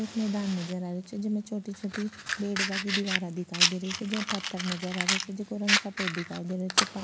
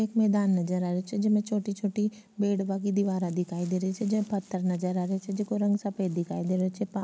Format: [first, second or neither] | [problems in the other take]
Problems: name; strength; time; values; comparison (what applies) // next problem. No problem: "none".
second | background sound (Fire); as loud as the speech